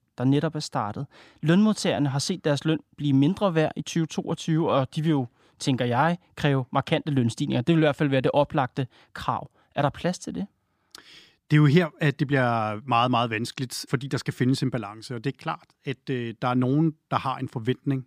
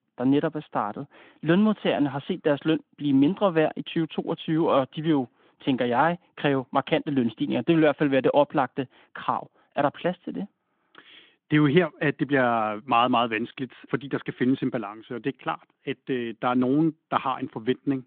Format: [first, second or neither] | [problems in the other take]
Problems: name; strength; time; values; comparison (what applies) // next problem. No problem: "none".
first | phone-call audio